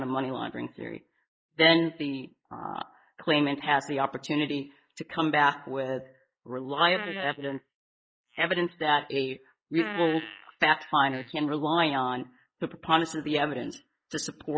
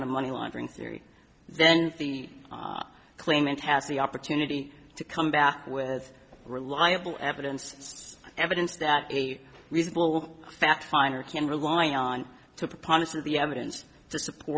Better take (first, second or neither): second